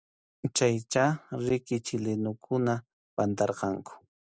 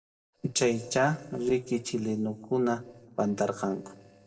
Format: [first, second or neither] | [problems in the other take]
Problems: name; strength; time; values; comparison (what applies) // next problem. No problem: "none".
first | noise reduction (neural separator model SepFormer DNS4)